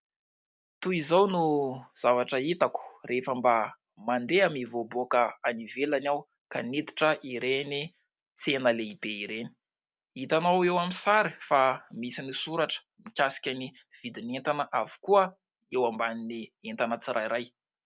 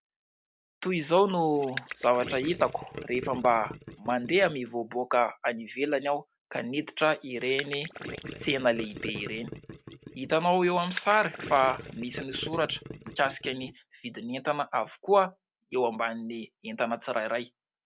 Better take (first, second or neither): first